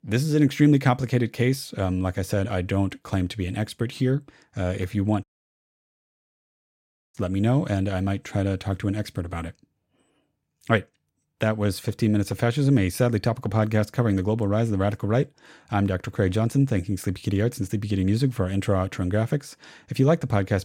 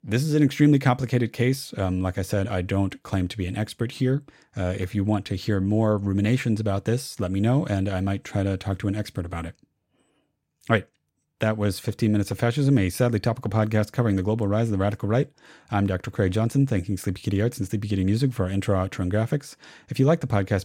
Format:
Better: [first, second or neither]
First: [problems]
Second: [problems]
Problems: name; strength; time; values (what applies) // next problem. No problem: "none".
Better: second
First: audio cutting out; at 5 s for 2 s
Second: none